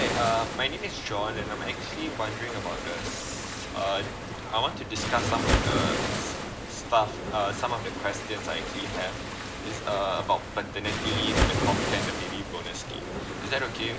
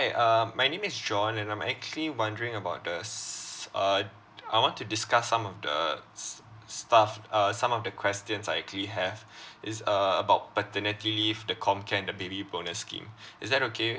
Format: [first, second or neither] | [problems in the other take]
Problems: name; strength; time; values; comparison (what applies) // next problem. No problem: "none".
second | background sound (Waves, surf); as loud as the speech